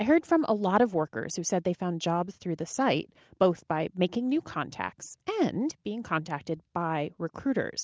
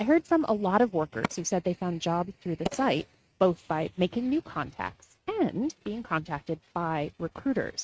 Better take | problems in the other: first | noise reduction (neural mask model RNNoise)

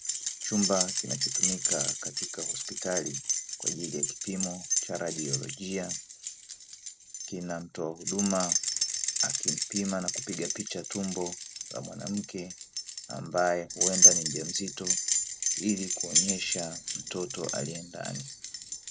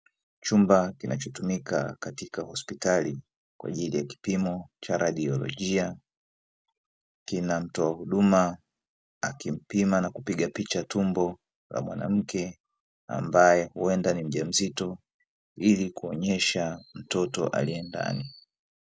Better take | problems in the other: second | background sound (Keys jangling); 4 dB above the speech

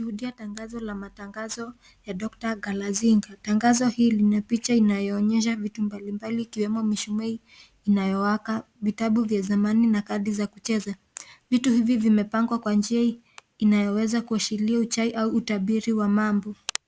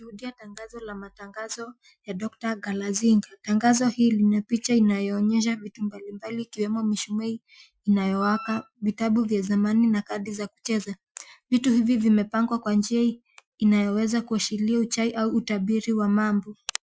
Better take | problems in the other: first | noise reduction (classical method Wiener filter)

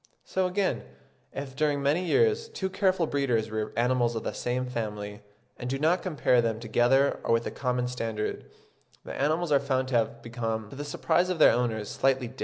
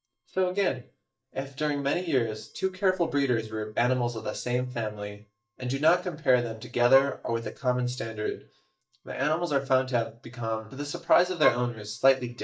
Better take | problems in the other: first | noise reduction (neural mask model DeepFilterNet 3)

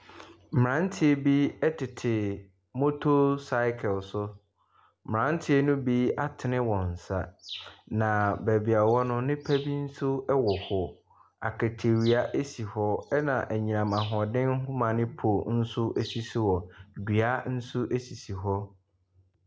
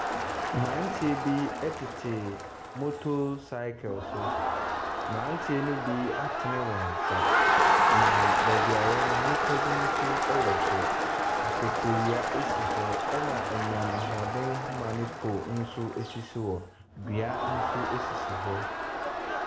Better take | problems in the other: first | background sound (Crowd); 4 dB above the speech // room echo; dies away in 1 s

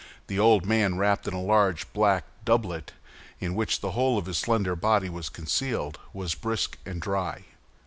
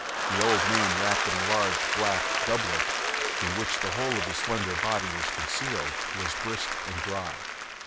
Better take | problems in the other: first | background sound (Applause / Crowd); 4 dB above the speech

